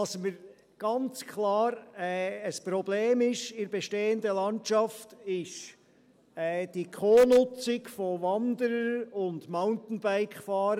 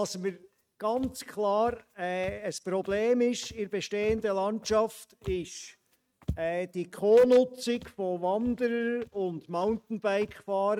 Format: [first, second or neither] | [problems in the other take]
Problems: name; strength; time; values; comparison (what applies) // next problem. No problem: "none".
first | noise reduction (neural mask model RNNoise)